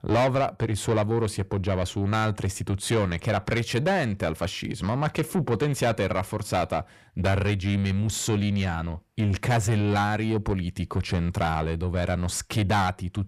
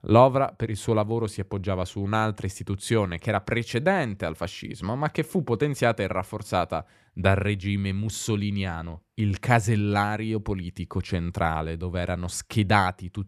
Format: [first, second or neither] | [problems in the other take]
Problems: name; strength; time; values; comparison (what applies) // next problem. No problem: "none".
second | distortion; heavy; 7 dB below the speech